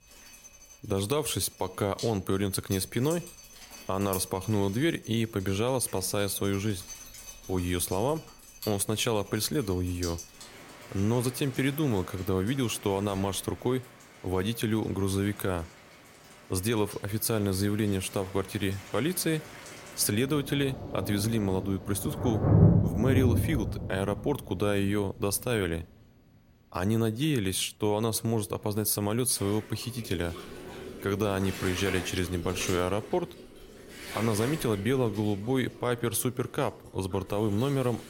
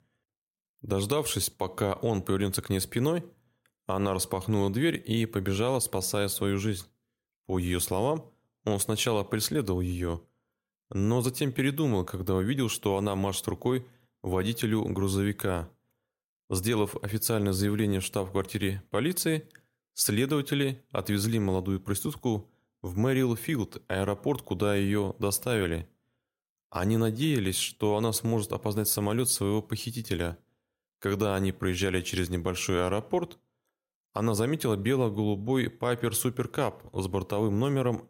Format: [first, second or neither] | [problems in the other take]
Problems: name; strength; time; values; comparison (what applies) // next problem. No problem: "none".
second | rain or running water; loud; throughout; 6 dB below the speech